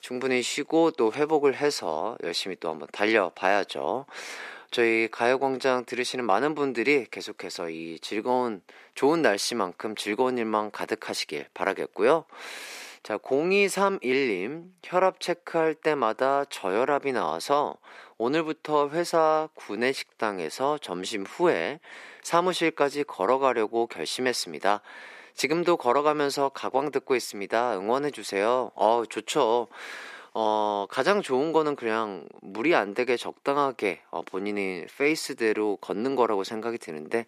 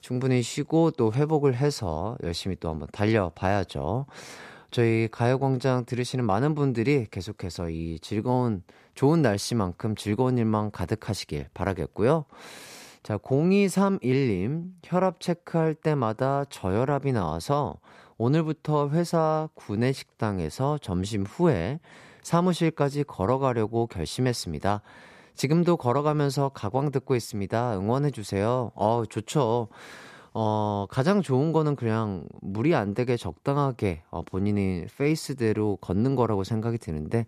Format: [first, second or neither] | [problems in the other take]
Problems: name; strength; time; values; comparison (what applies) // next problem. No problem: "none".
second | thin; somewhat; fading below 300 Hz